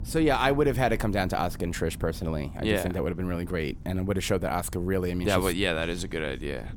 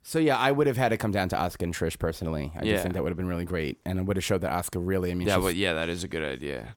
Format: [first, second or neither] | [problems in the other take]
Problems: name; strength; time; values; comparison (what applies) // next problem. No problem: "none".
second | low rumble; faint; throughout; 25 dB below the speech